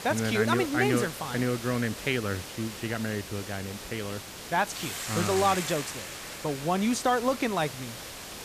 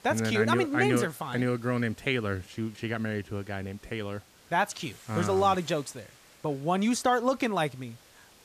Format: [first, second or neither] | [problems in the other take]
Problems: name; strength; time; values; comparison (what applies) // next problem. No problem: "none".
second | hiss; loud; throughout; 8 dB below the speech; faint in the second